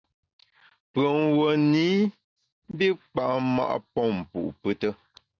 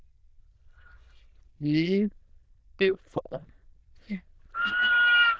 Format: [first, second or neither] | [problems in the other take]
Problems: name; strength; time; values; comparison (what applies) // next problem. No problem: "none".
first | noise reduction (neural diffusion model UNIVERSE++)